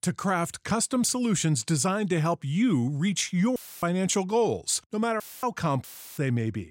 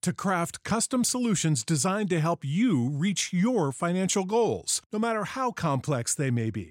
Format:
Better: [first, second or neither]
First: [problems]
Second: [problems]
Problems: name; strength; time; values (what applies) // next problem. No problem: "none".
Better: second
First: audio cutting out; filled with static; at 3.5 s, at 5 s and at 6 s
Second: none